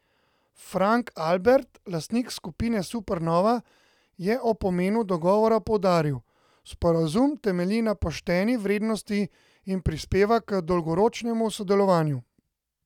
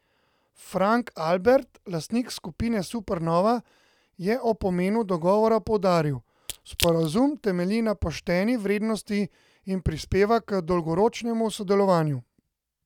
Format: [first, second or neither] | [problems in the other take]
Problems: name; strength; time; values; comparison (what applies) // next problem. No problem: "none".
first | background sound (Crack / Crushing); 11 dB below the speech